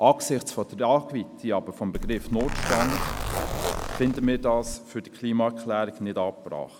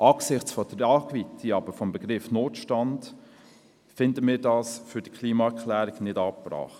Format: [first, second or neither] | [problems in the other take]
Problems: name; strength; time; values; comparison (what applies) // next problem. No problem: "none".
second | background sound (Zipper (clothing)); 3 dB below the speech